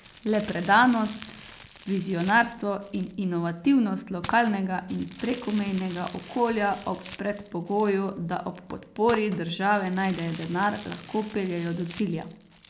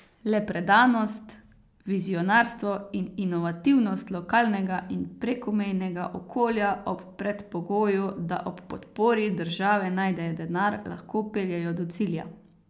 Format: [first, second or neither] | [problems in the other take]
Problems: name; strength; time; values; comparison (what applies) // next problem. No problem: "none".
second | background sound (Crumpling, crinkling); 19 dB below the speech